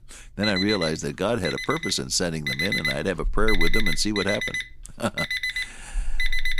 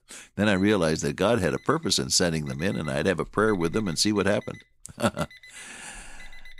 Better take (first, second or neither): second